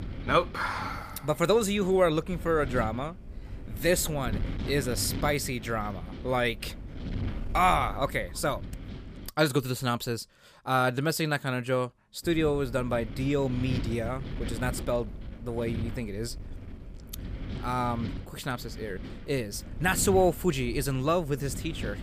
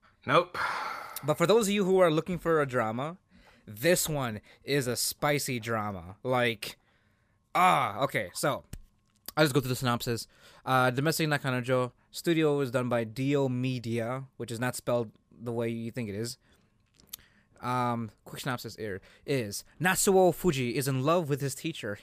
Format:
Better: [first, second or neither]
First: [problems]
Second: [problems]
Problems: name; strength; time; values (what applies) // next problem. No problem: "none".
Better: second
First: wind noise on the microphone; occasional gusts; until 9.5 s and from 12 s on; 15 dB below the speech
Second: none